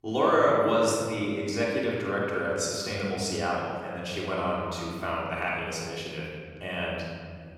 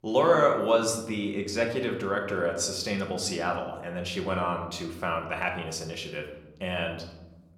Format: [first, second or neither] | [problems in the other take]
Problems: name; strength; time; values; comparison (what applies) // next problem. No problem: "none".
second | room echo; strong; dies away in 2.1 s; slight in the second // off-mic speech; far; somewhat distant in the second